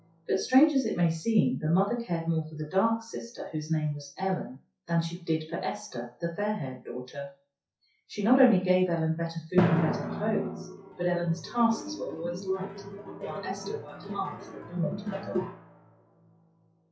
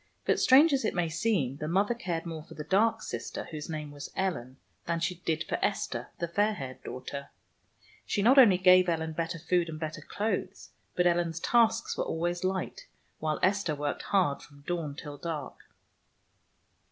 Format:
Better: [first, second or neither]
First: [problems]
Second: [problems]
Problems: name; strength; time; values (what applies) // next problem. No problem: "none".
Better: second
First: noise reduction (classical method WPE with log-MMSE)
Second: none